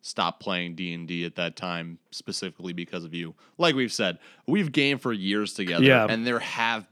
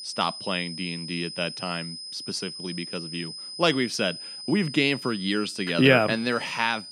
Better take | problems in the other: first | high-pitched whine; noticeable; throughout; 5 kHz, 10 dB below the speech

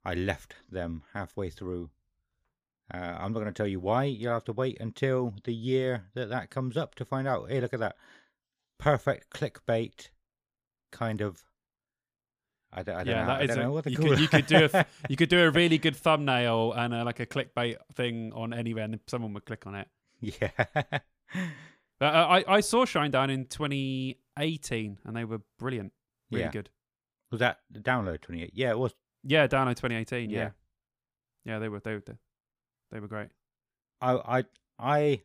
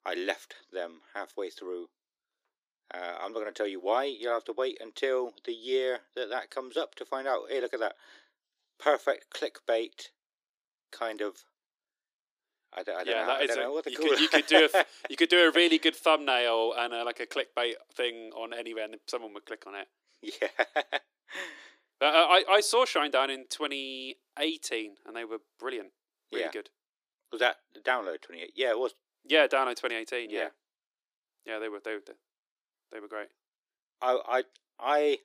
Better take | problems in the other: first | thin; very; fading below 300 Hz

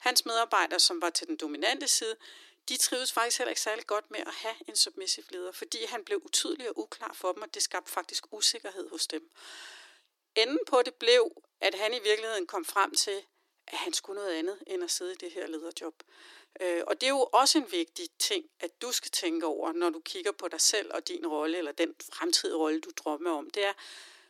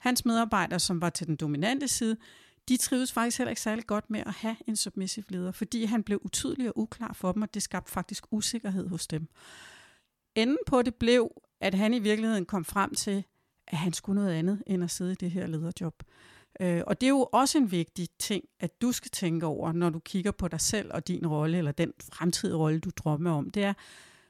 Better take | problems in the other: second | thin; very; fading below 300 Hz

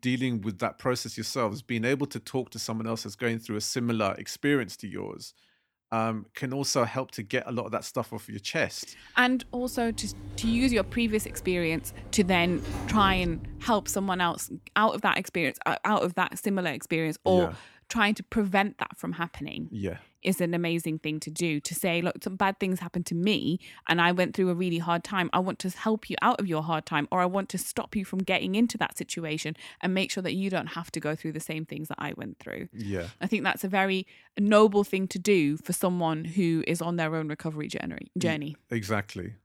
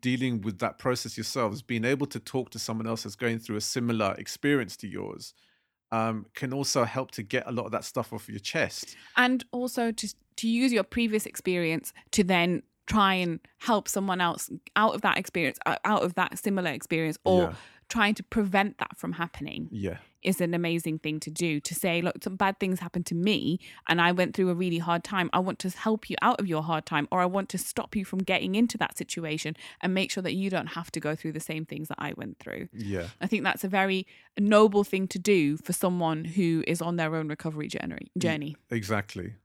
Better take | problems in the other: second | door banging; noticeable; from 9.5 to 14 s; peak 6 dB below the speech

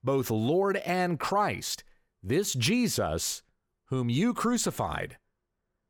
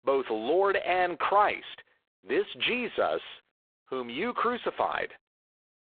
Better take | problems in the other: first | phone-call audio; poor line

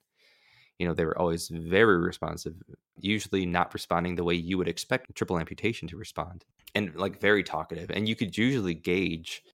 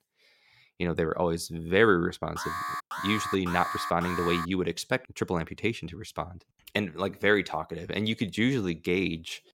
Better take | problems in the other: first | alarm; noticeable; from 2.5 to 4.5 s; peak 4 dB below the speech

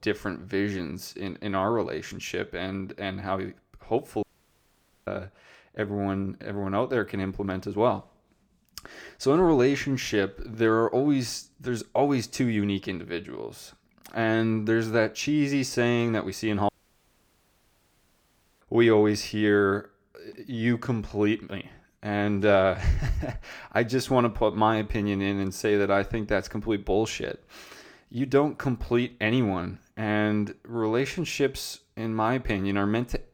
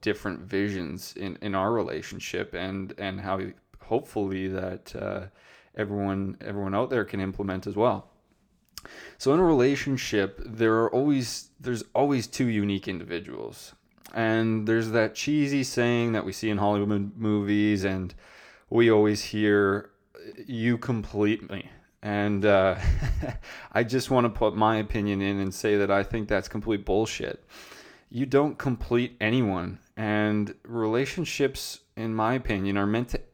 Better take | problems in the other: second | audio cutting out; at 4 s for 1 s and at 17 s for 2 s

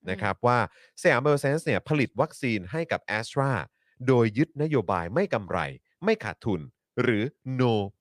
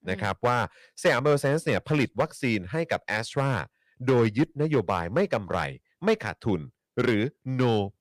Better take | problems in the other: first | distortion; slight; 3% of the sound clipped

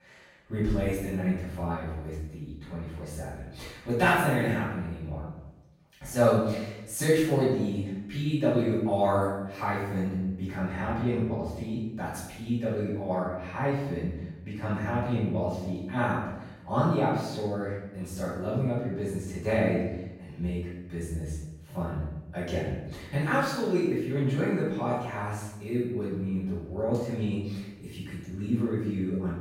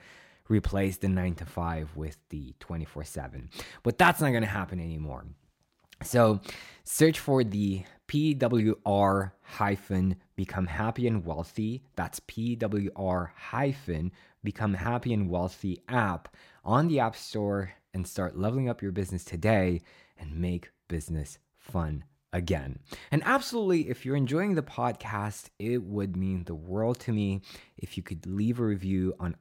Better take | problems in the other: second | off-mic speech; far // room echo; strong; dies away in 0.8 s

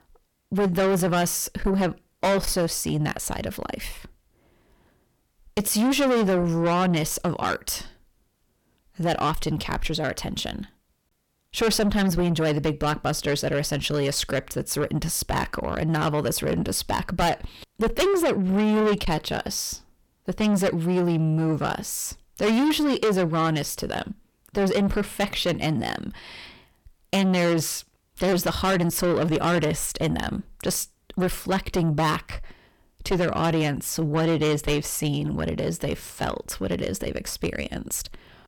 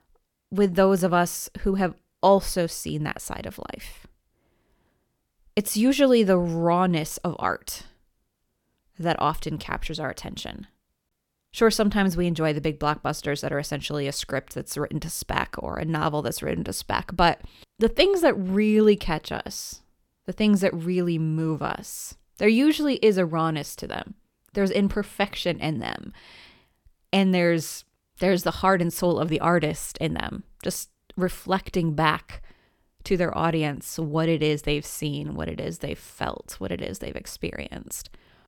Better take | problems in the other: second | distortion; heavy; 6 dB below the speech

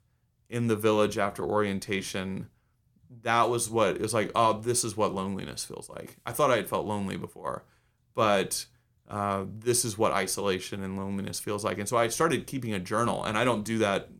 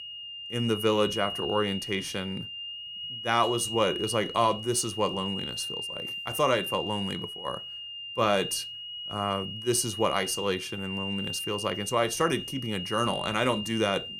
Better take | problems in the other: first | high-pitched whine; loud; throughout; 3 kHz, 6 dB below the speech

